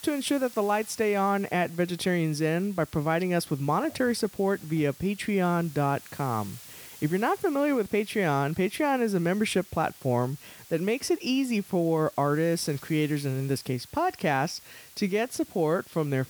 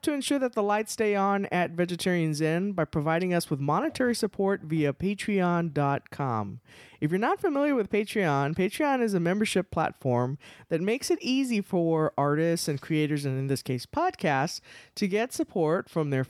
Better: second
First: hiss; noticeable; throughout; 20 dB below the speech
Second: none

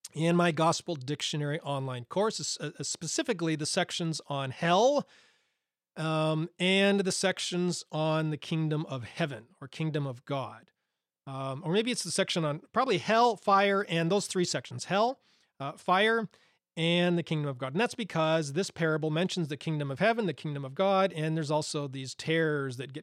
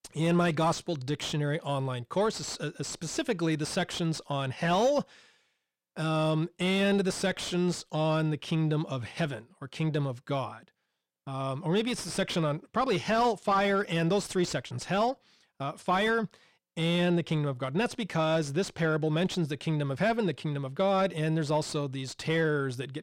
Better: first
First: none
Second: distortion; slight; 10 dB below the speech

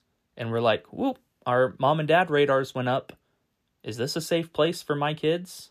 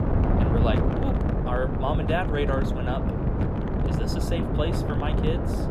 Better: first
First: none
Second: wind noise on the microphone; heavy; 1 dB below the speech

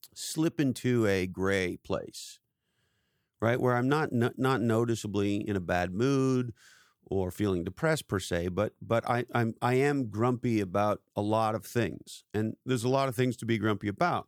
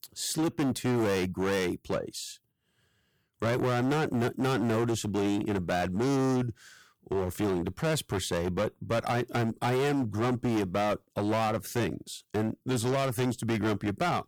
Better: first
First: none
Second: distortion; heavy; 19% of the sound clipped

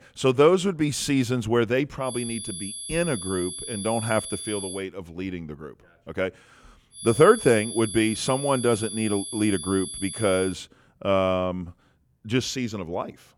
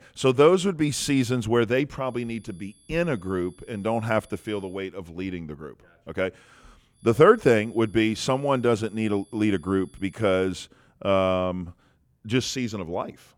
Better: second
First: high-pitched whine; loud; from 2 to 5 s and from 7 to 11 s; 10.5 kHz, 8 dB below the speech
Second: high-pitched whine; faint; from 2 to 5 s and from 7 to 11 s; 10.5 kHz, 30 dB below the speech

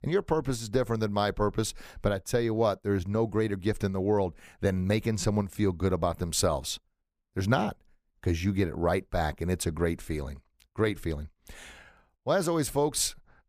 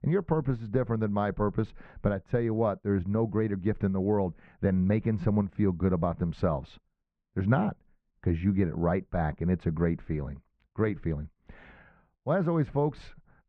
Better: first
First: none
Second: muffled; very; fading above 2 kHz

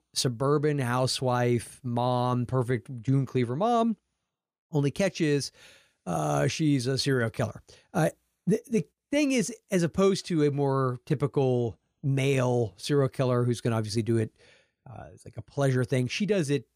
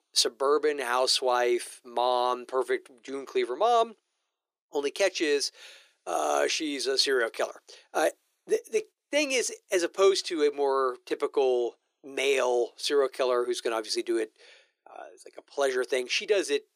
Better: first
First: none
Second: thin; very; fading below 350 Hz

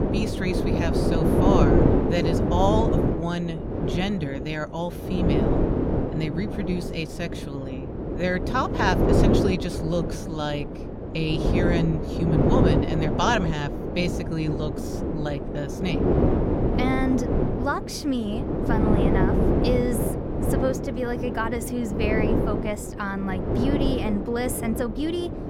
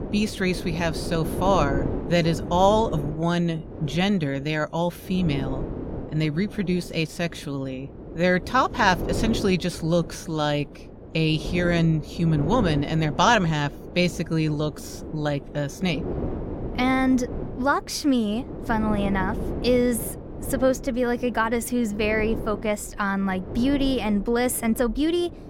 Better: second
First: wind noise on the microphone; heavy; as loud as the speech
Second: wind noise on the microphone; occasional gusts; 10 dB below the speech

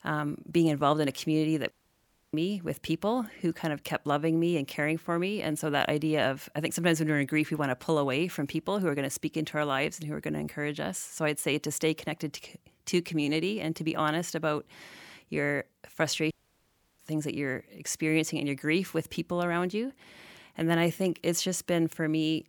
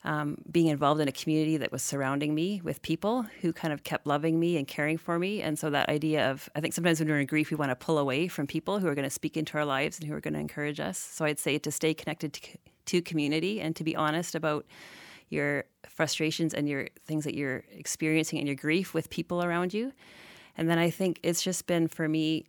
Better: second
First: audio cutting out; at 1.5 s for 0.5 s and at 16 s for 0.5 s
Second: none

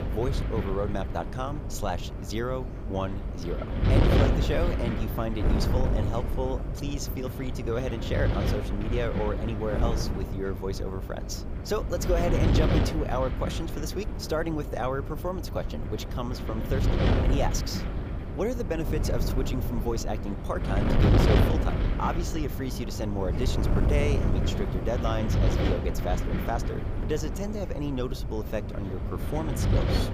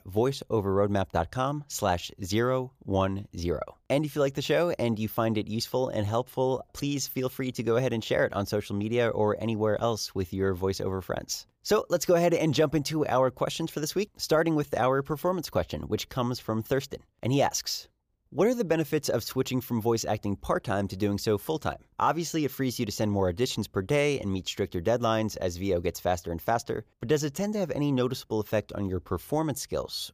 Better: second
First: wind noise on the microphone; heavy; 2 dB below the speech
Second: none

